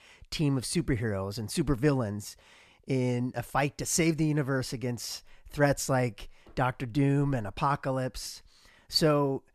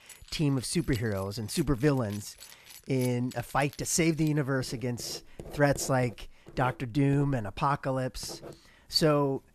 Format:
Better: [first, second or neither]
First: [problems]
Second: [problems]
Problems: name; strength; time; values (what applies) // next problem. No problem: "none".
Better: first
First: none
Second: household noises; noticeable; throughout; 20 dB below the speech